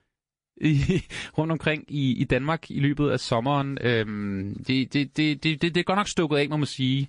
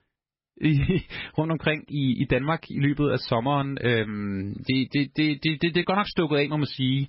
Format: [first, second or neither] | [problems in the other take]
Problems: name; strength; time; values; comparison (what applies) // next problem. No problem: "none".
first | garbled, watery; badly; nothing above 5.5 kHz; slightly in the first